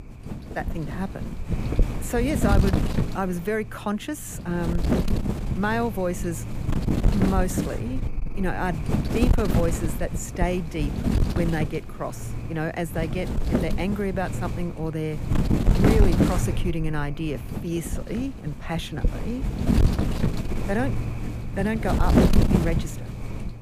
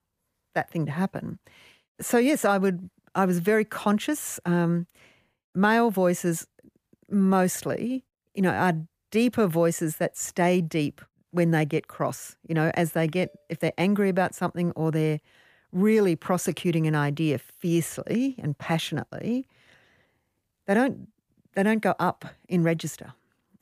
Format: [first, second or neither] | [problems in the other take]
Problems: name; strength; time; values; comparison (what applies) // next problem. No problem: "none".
second | wind noise on the microphone; heavy; 2 dB below the speech